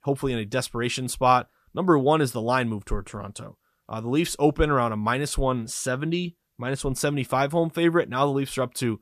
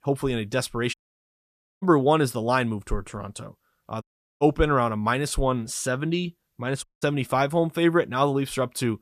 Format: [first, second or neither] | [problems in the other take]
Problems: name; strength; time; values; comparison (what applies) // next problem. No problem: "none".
first | audio cutting out; at 1 s for 1 s, at 4 s and at 7 s